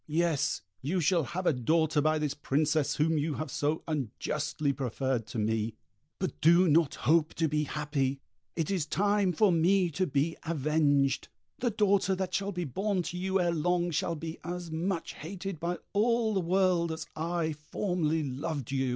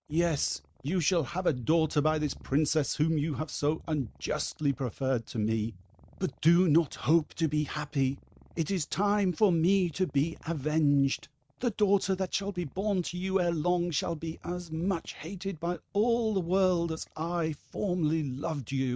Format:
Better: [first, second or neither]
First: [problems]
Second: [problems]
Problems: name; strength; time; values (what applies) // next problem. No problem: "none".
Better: first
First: none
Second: noise reduction (neural mask model RNNoise)